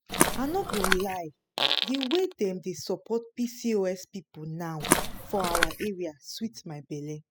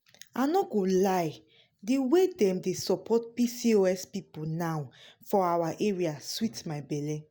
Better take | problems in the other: second | noise reduction (classical method spectral subtraction)

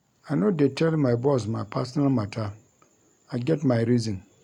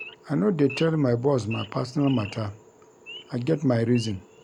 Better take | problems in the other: first | background sound (Idling / Wild animals); 19 dB below the speech

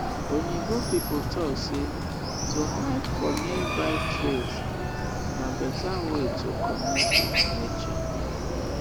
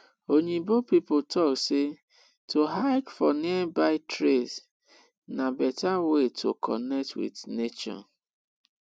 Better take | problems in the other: second | background sound (Chicken, rooster); 4 dB above the speech

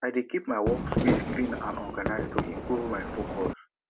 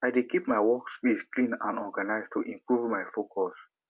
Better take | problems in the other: second | background sound (Fireworks); as loud as the speech

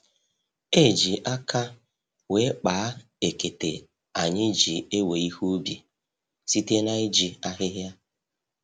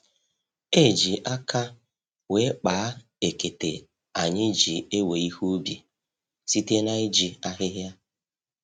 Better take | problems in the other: first | noise reduction (neural mask model RNNoise)

